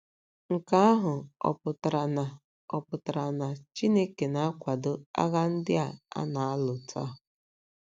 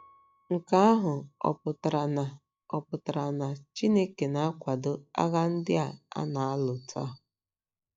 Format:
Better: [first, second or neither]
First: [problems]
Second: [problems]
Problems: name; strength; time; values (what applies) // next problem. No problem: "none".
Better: first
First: none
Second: noise reduction (classical method log-MMSE)